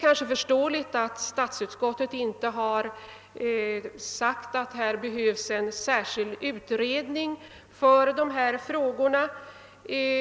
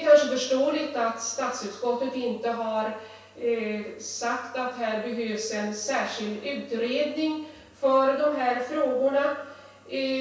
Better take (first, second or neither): first